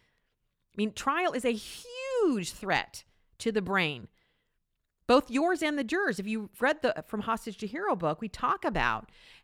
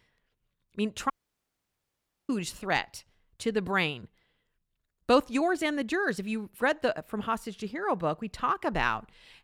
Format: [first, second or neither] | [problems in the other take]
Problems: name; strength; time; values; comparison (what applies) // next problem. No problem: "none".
first | audio cutting out; at 1 s for 1 s